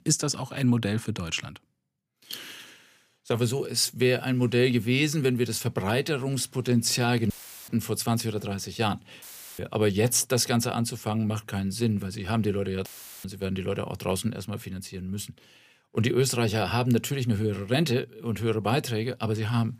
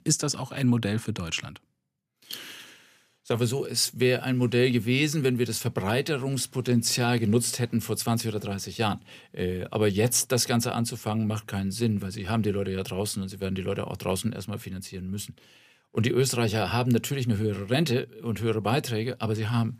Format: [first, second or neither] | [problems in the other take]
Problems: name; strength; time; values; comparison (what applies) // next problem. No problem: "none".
second | audio cutting out; filled with static; at 7.5 s, at 9 s and at 13 s